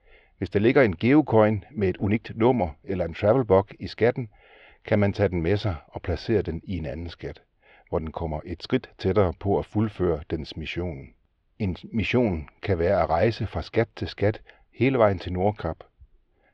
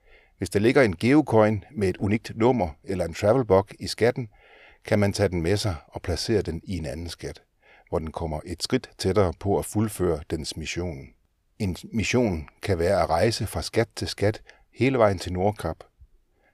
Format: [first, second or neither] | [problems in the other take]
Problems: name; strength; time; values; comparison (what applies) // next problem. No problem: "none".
second | muffled; slightly; fading above 3.5 kHz